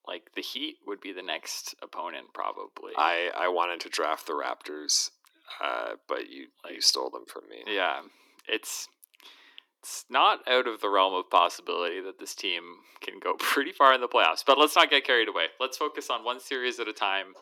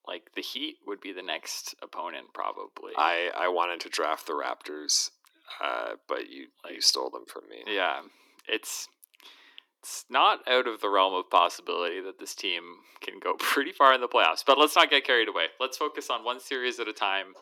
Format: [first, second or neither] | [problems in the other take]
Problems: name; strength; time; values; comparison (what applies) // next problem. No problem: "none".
neither | thin; somewhat; fading below 300 Hz; the same in both